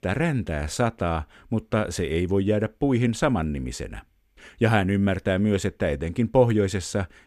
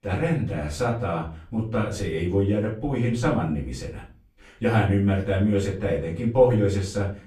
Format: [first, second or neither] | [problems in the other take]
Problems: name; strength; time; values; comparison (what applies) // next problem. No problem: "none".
first | off-mic speech; far // room echo; slight; dies away in 0.3 s